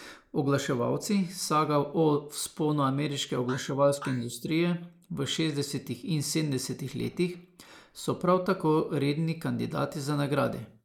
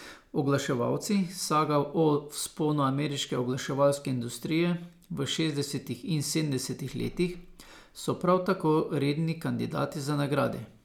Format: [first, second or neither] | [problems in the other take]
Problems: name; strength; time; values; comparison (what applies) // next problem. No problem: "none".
second | noise reduction (neural mask model Resemble Enhance denoiser)